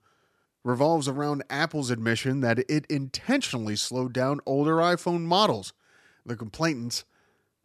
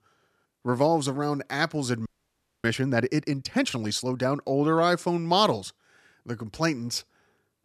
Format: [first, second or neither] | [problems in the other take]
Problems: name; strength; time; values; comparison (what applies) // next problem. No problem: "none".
first | audio freezing; at 2 s for 0.5 s